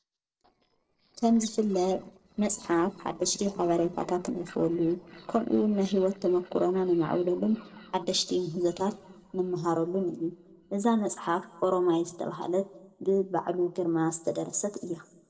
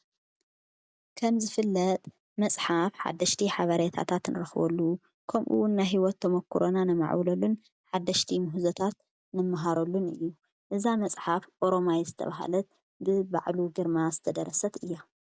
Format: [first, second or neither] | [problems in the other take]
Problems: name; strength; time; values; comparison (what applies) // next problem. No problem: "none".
second | noise reduction (neural separator model SepFormer DNS4)